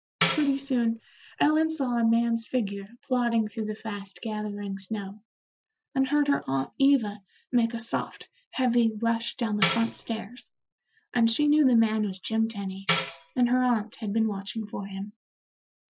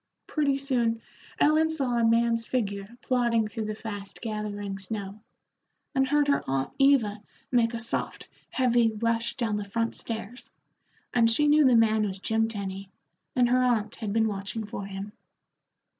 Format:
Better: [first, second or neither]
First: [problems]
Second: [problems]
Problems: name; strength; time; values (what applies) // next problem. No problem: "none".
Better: second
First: noise reduction (classical method Wiener filter)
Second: none